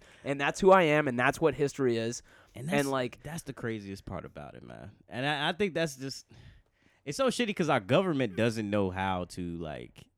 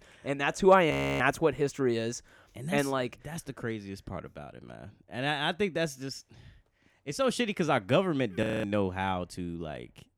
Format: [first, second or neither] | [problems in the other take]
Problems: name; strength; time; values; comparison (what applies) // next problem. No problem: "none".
first | audio freezing; at 1 s and at 8.5 s